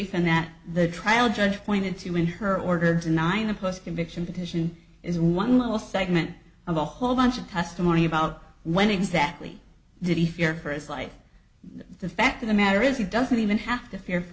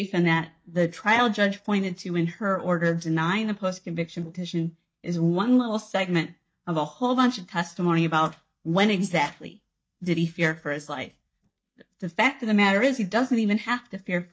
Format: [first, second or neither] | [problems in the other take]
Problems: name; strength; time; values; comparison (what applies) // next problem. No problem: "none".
first | noise reduction (neural mask model DeepFilterNet 3)